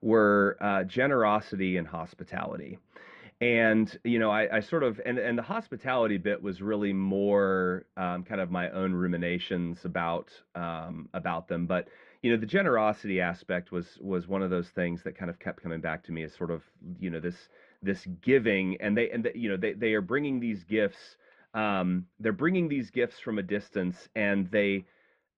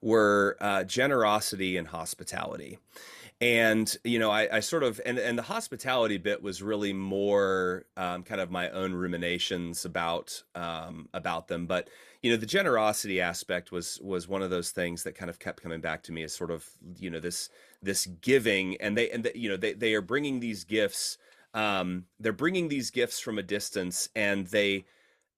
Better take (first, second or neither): second